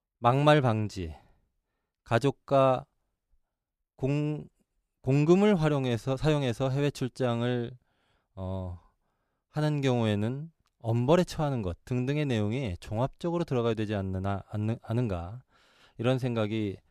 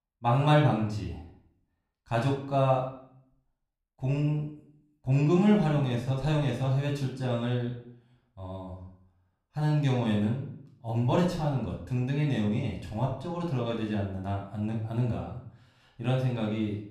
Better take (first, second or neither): first